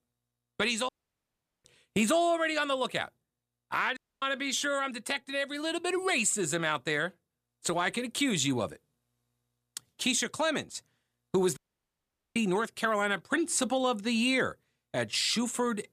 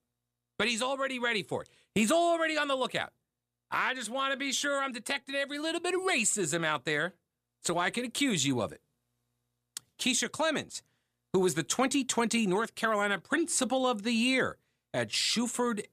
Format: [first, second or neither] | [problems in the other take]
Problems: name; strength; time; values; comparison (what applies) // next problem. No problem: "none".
second | audio cutting out; at 1 s for 0.5 s, at 4 s and at 12 s for 1 s